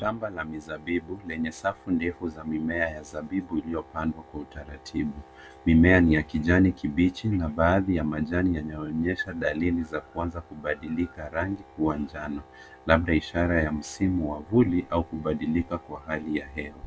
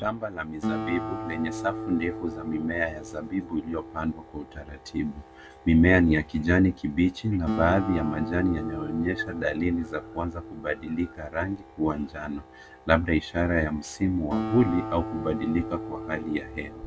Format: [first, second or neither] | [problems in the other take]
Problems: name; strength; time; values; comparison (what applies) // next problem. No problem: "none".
first | background sound (Acoustic guitar); 10 dB below the speech